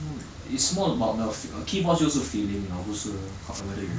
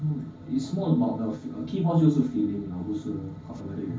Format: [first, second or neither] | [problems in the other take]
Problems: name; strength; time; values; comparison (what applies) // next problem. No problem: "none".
first | room echo; dies away in 0.4 s